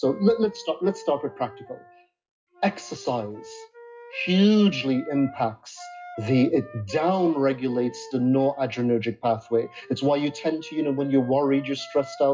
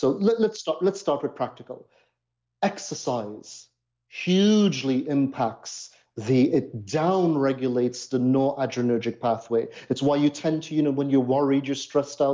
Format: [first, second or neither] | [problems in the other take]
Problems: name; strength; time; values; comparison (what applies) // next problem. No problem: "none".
second | noise reduction (classical method WPE with log-MMSE)